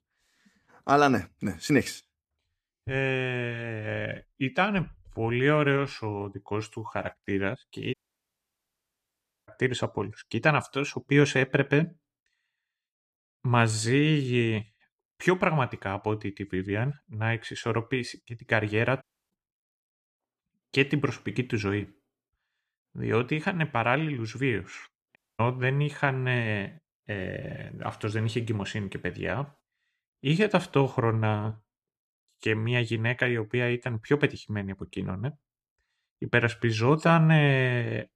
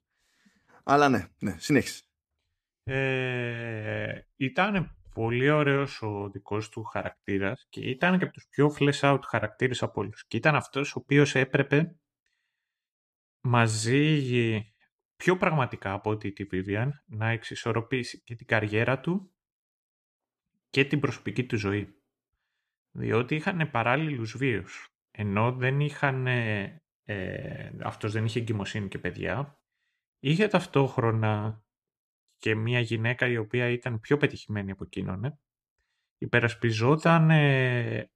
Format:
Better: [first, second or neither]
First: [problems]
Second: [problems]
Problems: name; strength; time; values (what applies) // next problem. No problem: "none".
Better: second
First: audio cutting out; at 8 s for 1.5 s, at 19 s and at 25 s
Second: none